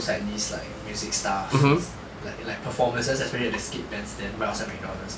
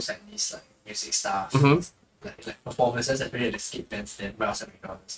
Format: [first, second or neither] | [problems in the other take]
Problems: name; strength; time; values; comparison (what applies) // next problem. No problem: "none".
first | noise reduction (neural mask model RNNoise)